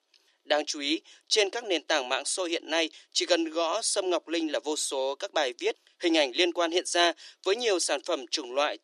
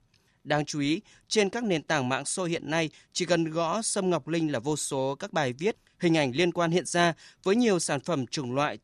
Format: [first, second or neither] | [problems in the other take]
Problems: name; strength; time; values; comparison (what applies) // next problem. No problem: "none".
second | thin; very; fading below 300 Hz